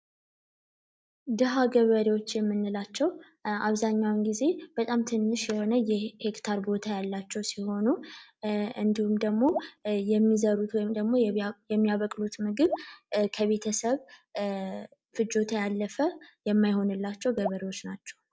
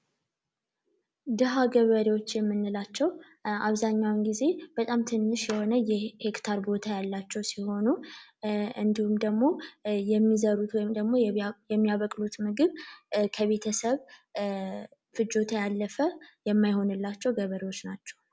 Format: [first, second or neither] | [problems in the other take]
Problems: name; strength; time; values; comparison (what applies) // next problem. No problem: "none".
second | noise reduction (neural mask model DeepFilterNet 3)